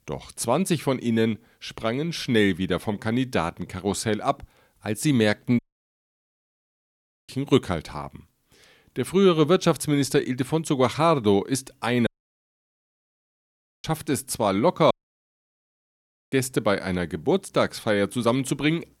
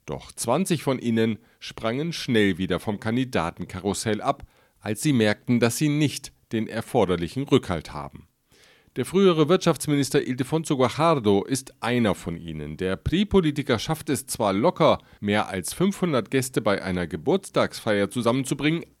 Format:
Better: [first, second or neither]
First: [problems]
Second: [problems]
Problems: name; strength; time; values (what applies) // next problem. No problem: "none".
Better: second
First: audio cutting out; at 5.5 s for 1.5 s, at 12 s for 2 s and at 15 s for 1.5 s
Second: none